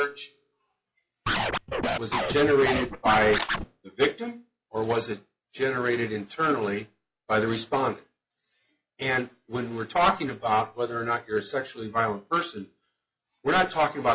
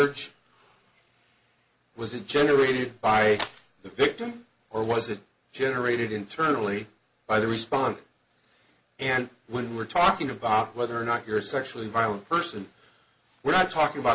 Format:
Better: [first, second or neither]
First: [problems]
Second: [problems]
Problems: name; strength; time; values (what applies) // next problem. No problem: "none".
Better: second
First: noise reduction (classical method log-MMSE)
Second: none